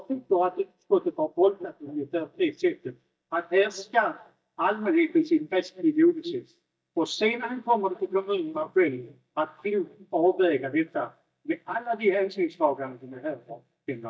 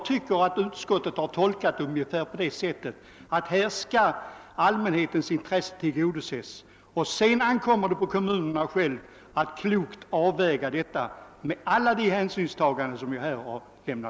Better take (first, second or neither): second